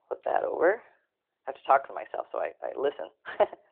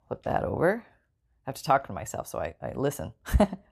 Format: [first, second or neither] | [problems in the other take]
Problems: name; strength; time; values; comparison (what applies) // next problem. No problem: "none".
second | phone-call audio